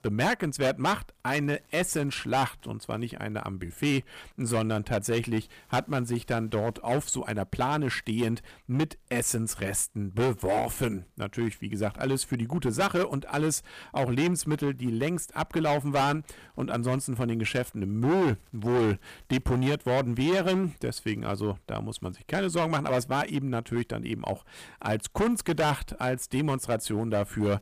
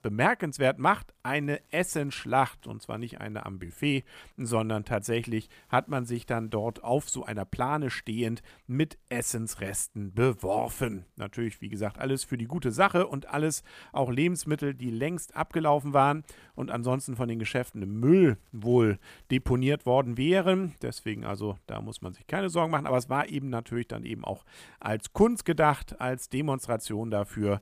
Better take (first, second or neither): second